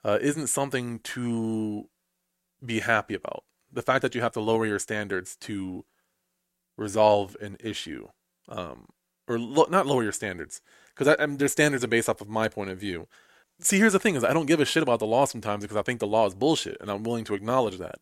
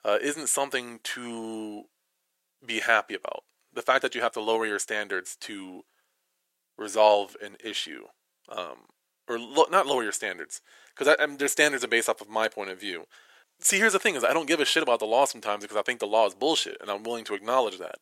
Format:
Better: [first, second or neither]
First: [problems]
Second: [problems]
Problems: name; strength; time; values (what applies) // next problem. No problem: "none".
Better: first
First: none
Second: thin; somewhat; fading below 450 Hz